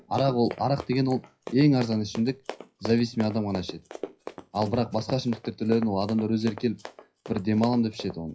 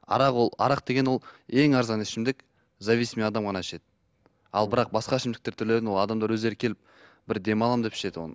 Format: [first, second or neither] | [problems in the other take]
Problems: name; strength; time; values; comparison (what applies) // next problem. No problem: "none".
second | noise reduction (classical method WPE with log-MMSE)